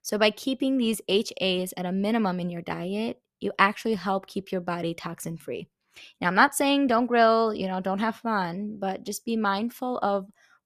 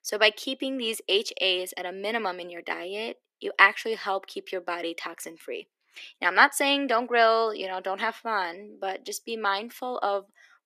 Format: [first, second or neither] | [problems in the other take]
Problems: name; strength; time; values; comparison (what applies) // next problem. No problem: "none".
first | thin; somewhat; fading below 300 Hz